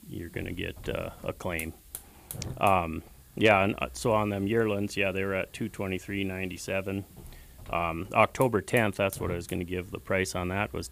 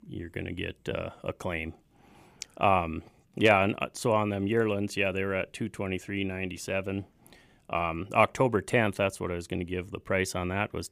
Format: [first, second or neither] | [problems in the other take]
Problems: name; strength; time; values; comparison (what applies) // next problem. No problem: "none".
second | hiss; noticeable; throughout; 20 dB below the speech